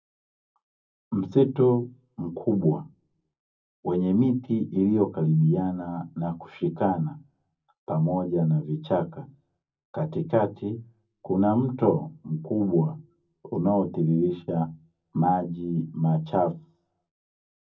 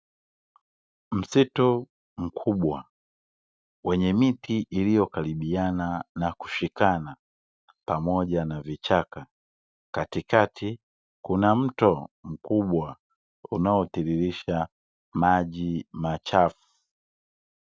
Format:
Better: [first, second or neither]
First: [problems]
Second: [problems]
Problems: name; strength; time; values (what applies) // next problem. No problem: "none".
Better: second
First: room echo; dies away in 0.4 s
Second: none